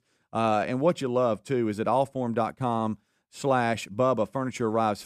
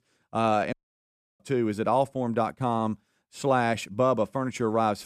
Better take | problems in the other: first | audio cutting out; at 0.5 s for 0.5 s

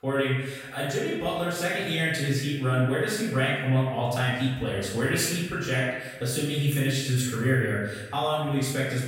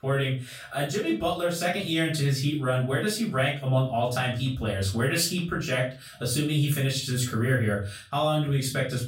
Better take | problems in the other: second | room echo; strong; dies away in 1 s; slight in the second // off-mic speech; far; far in the second

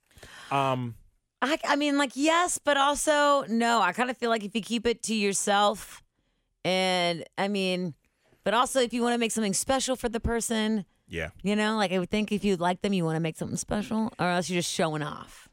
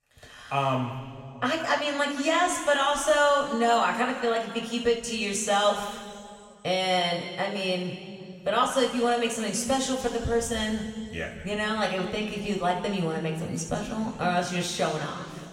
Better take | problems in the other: first | room echo; noticeable; dies away in 2.1 s // off-mic speech; somewhat distant

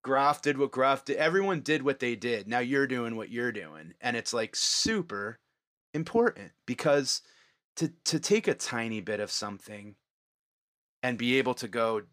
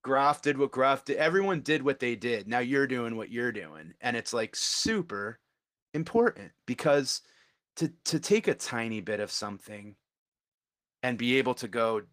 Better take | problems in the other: first | garbled, watery; slightly; nothing above 15 kHz

